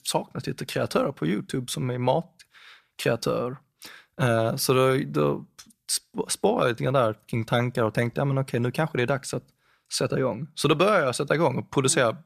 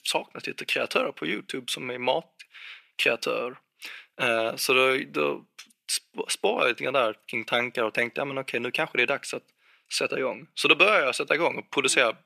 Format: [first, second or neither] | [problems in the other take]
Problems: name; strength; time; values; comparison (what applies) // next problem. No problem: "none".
first | thin; somewhat; fading below 350 Hz